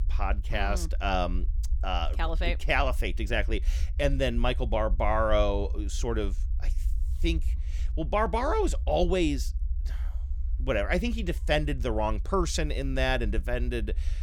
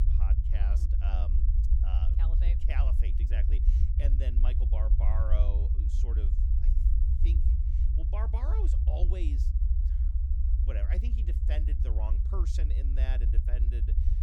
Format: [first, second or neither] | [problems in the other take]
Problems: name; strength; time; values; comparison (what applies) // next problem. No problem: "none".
first | low rumble; loud; throughout; 3 dB below the speech; faint in the first